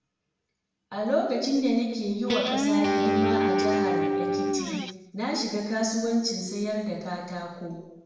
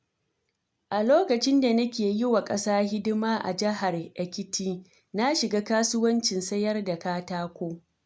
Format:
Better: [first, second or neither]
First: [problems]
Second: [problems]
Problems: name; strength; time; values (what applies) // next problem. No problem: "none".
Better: second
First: background sound (Guitar); 3 dB above the speech // room echo; dies away in 0.9 s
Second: none